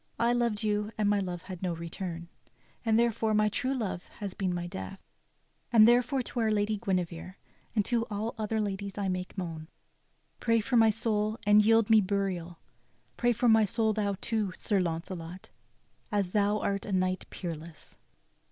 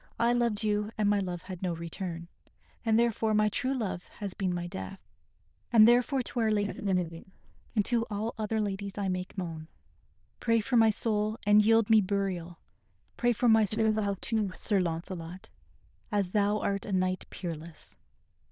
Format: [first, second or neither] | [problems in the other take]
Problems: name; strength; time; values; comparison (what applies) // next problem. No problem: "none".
first | noise reduction (neural diffusion model UNIVERSE++)